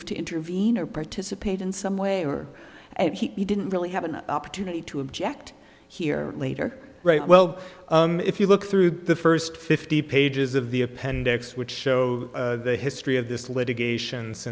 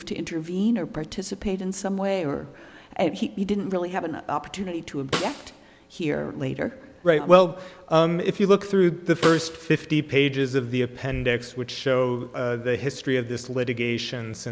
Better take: first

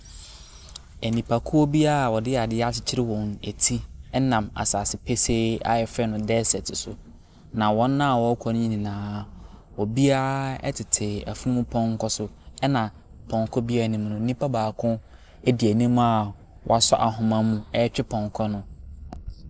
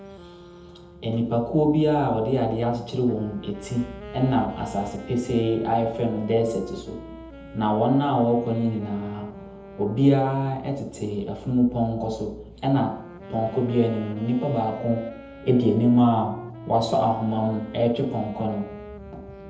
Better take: first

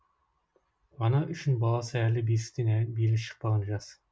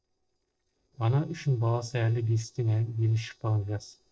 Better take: first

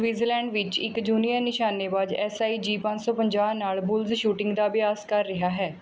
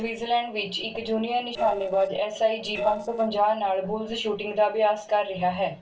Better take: first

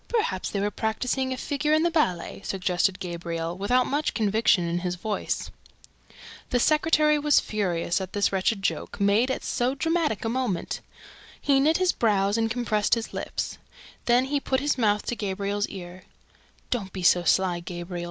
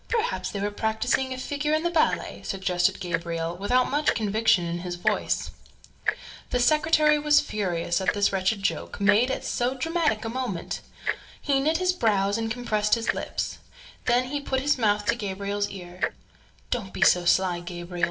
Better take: first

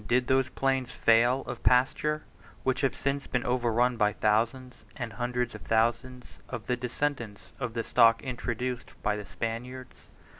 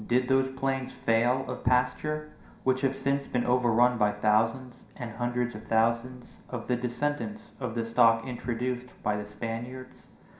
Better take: first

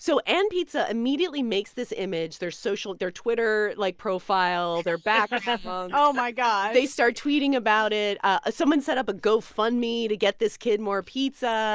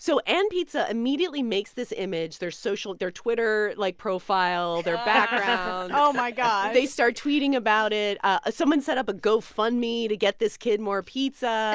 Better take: second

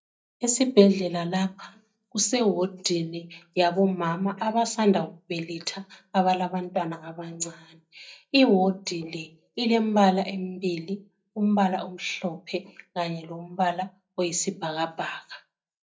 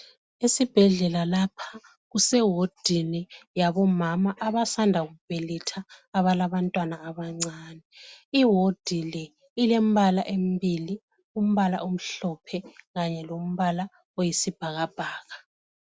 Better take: second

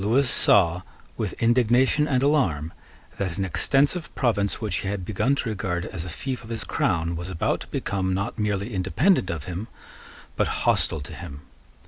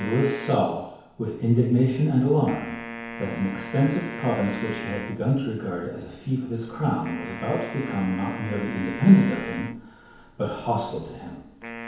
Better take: first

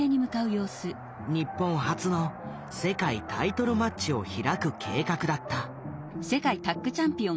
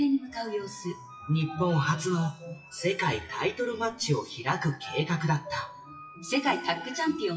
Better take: first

